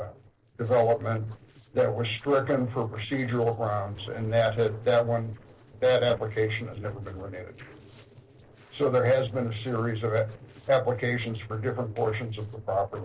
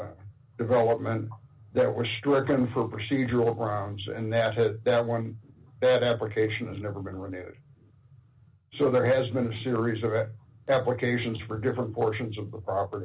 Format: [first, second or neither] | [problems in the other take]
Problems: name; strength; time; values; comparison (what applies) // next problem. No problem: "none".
second | noise reduction (neural separator model SepFormer DNS4)